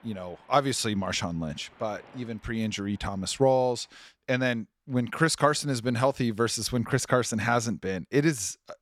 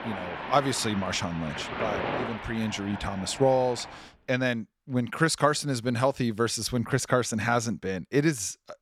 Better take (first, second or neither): first